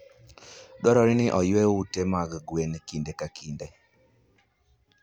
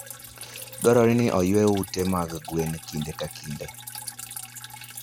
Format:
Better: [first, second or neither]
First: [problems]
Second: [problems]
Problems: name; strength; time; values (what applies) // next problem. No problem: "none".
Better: first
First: none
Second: background sound (Drip); 14 dB below the speech